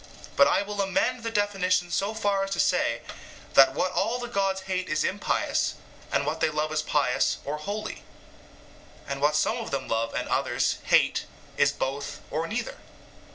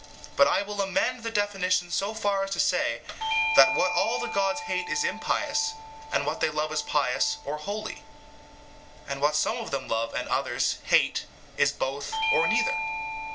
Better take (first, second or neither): first